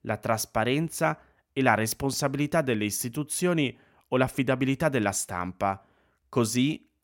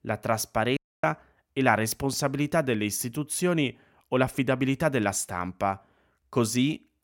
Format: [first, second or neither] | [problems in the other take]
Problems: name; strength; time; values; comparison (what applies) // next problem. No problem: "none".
first | audio cutting out; at 1 s